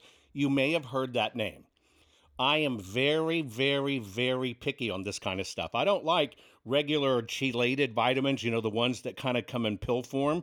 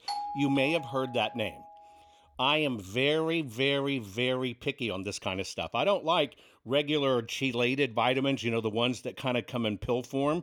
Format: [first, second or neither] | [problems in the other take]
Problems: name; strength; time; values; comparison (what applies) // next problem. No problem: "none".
first | doorbell; noticeable; until 1.5 s; peak 6 dB below the speech